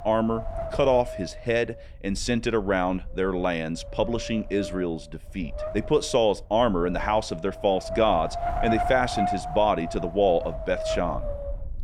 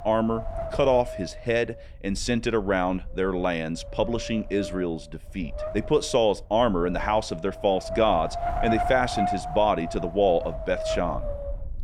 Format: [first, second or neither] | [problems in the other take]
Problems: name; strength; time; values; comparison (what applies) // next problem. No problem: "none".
neither | wind noise on the microphone; heavy; 6 dB below the speech; the same in both